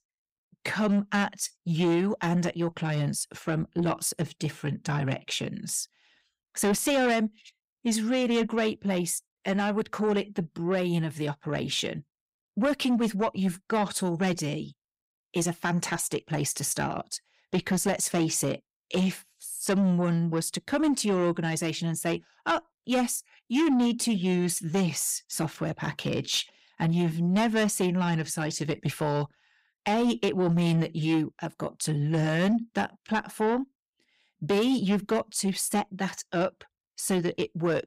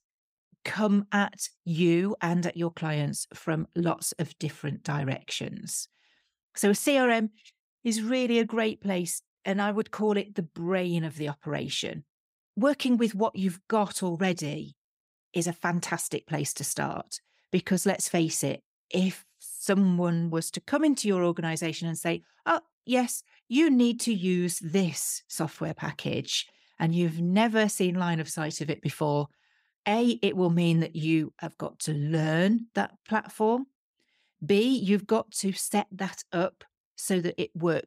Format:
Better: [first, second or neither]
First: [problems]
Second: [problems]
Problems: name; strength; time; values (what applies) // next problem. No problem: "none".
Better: second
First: distortion; slight; 10 dB below the speech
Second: none